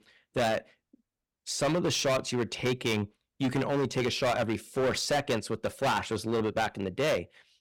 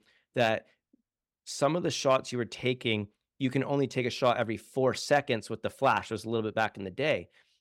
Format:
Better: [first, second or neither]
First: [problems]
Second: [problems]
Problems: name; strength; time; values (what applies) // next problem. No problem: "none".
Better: second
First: distortion; heavy; 13% of the sound clipped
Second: none